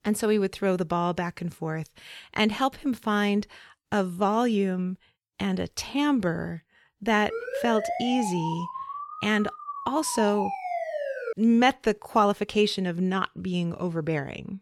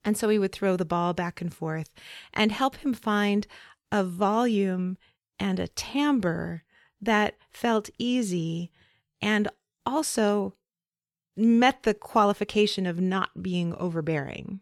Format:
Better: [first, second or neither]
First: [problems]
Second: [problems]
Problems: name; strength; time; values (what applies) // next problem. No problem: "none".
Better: second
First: siren; noticeable; from 7.5 to 11 s; peak 4 dB below the speech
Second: none